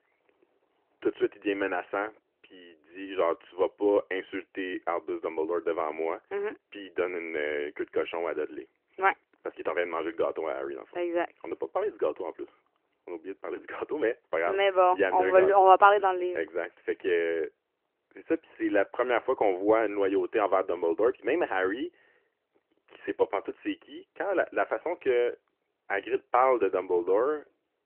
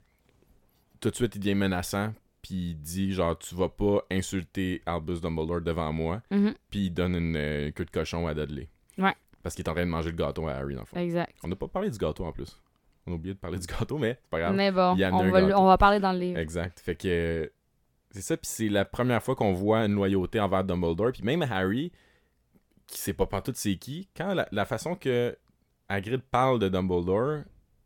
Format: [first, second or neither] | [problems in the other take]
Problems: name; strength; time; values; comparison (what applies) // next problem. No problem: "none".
second | phone-call audio; nothing above 3 kHz